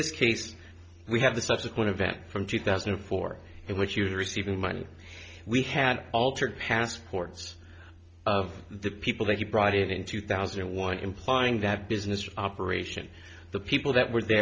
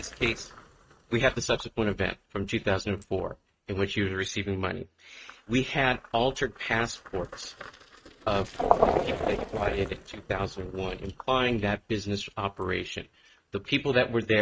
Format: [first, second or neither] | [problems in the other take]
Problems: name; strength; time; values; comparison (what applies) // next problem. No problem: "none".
first | noise reduction (neural mask model RNNoise)